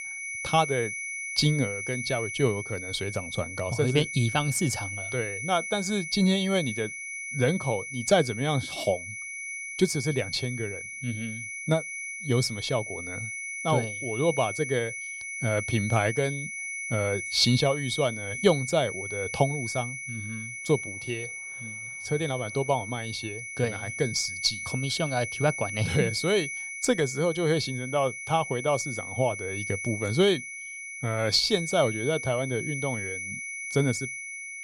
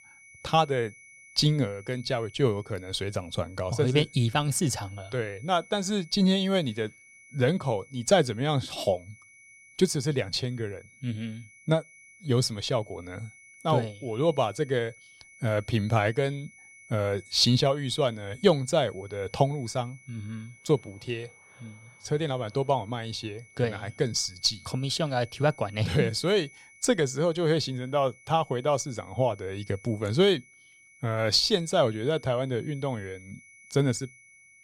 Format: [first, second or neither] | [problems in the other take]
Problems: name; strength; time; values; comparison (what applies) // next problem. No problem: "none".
second | high-pitched whine; loud; throughout; 2 kHz, 6 dB below the speech; faint in the second